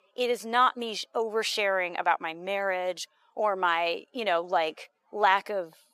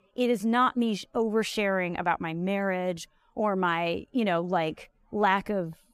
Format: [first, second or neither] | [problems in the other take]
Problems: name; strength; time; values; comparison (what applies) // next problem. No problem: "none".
second | thin; very; fading below 600 Hz